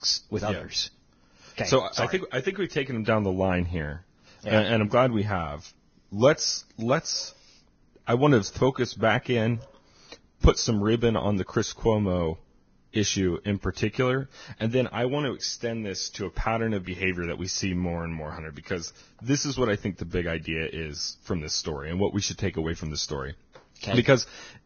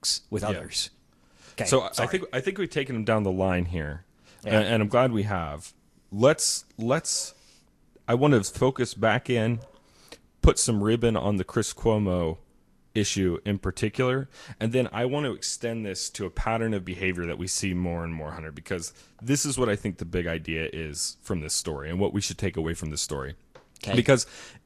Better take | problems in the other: second | garbled, watery; badly; nothing above 6.5 kHz; slightly in the second

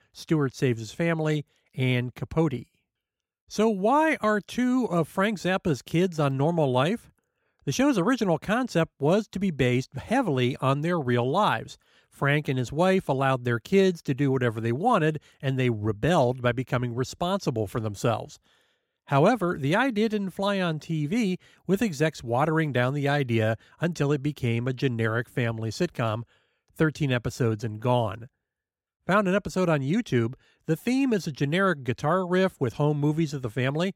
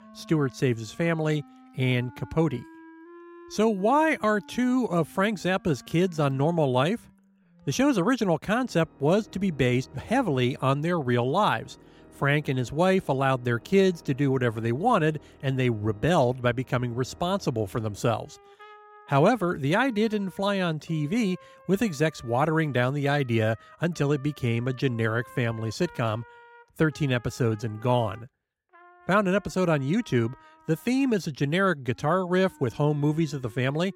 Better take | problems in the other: first | background music; faint; throughout; 25 dB below the speech

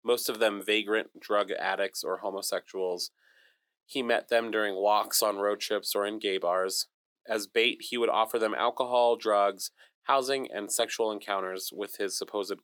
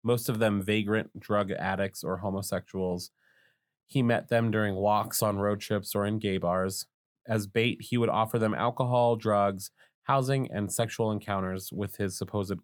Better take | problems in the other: second | thin; somewhat; fading below 350 Hz

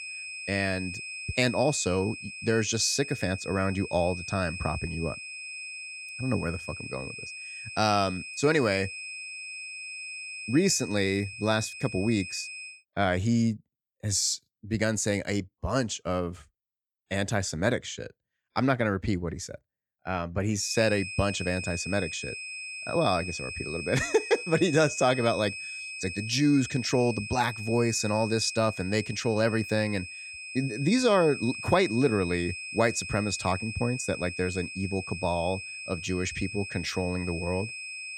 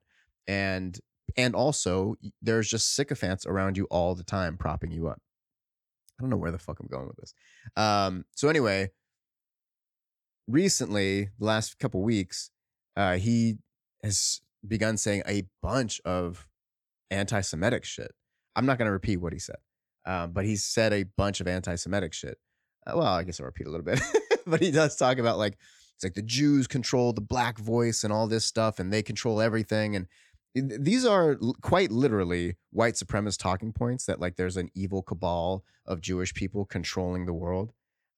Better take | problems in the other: second | high-pitched whine; loud; until 13 s and from 21 s on; 2.5 kHz, 9 dB below the speech

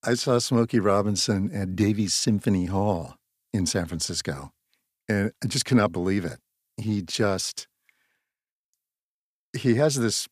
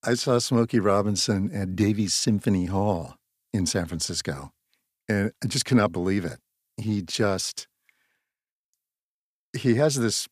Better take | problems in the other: neither | none

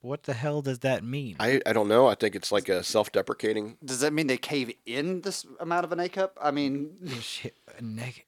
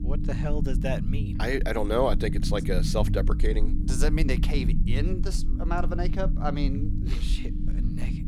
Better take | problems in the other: first | low rumble; loud; throughout; 9 dB below the speech

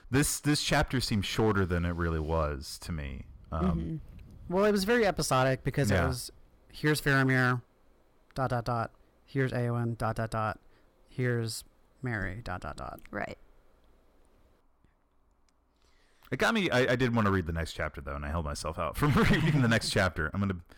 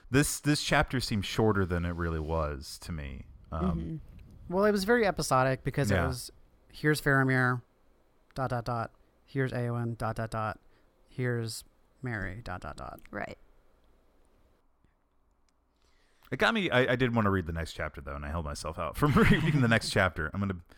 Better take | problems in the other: second | distortion; slight; 3% of the sound clipped

